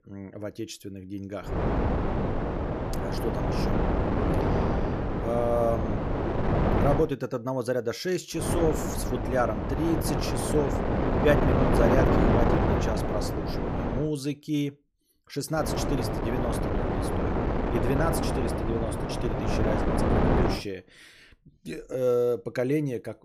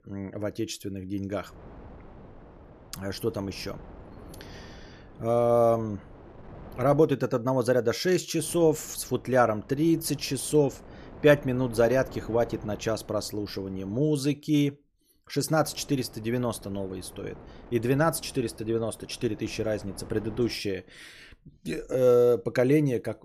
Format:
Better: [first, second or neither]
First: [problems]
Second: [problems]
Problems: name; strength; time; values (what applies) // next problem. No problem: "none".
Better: second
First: wind noise on the microphone; heavy; from 1.5 to 7 s, from 8.5 to 14 s and from 16 to 21 s; 1 dB above the speech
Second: wind noise on the microphone; occasional gusts; from 1.5 to 7 s, from 8.5 to 14 s and from 16 to 21 s; 25 dB below the speech